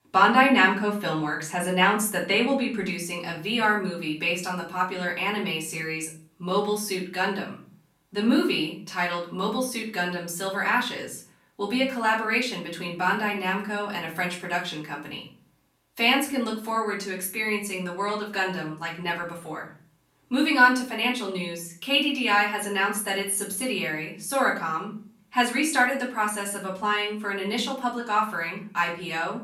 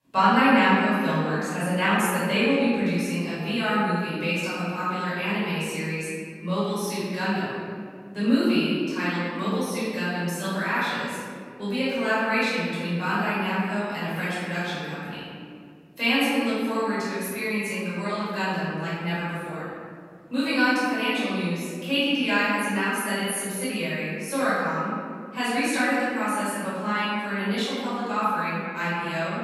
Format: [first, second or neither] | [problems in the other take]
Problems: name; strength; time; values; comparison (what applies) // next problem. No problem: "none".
first | room echo; strong; dies away in 2.2 s; slight in the first // off-mic speech; far; far in the first